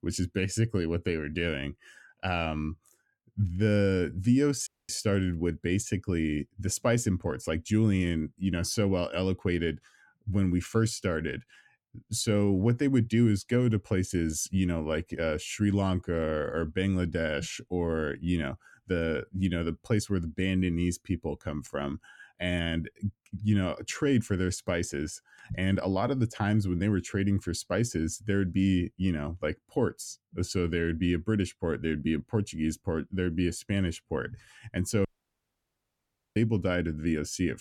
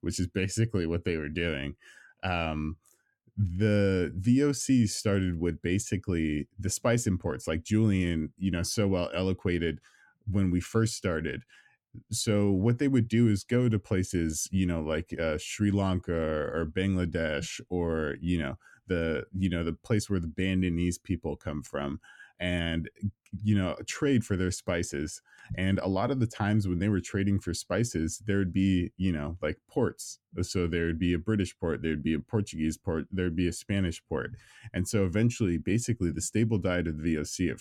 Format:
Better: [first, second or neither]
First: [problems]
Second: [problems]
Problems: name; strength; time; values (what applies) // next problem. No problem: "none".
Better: second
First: audio cutting out; at 4.5 s and at 35 s for 1.5 s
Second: none